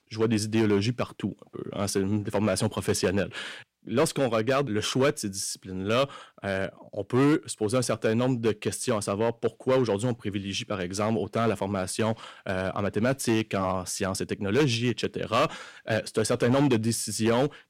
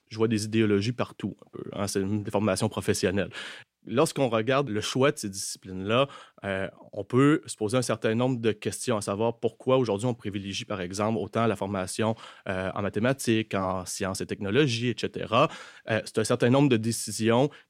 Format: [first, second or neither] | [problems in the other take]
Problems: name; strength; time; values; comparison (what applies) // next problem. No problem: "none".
second | distortion; slight; 4% of the sound clipped